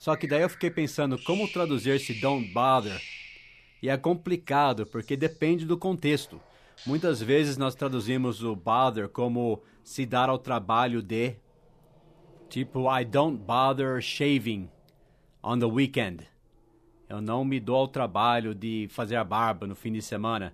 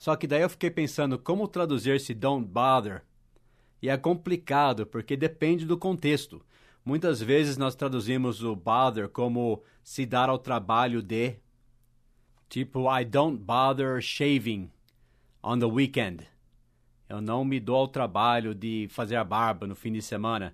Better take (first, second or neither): second